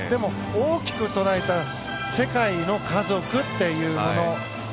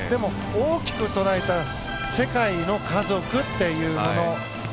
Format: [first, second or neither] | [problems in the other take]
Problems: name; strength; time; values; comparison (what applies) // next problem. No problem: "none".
first | background sound (Walk, footsteps + Boom); 14 dB below the speech